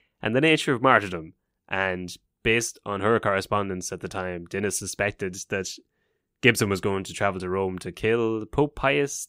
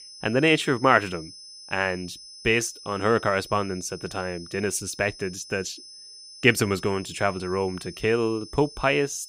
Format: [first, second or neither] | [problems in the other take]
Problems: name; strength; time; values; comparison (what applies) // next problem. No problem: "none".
first | high-pitched whine; noticeable; throughout; 5 kHz, 15 dB below the speech